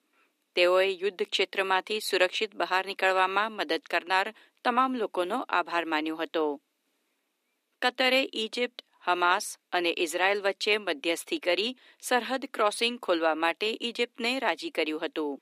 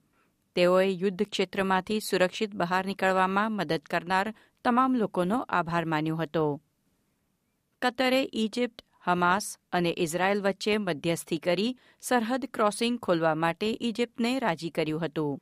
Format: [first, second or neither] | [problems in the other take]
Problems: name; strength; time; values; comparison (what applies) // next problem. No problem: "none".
second | thin; somewhat; fading below 250 Hz